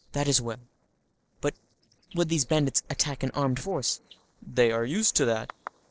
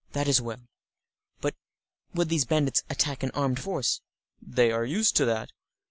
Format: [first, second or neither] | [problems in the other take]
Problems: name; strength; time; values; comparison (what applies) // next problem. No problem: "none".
second | noise reduction (neural separator model SepFormer DNS4)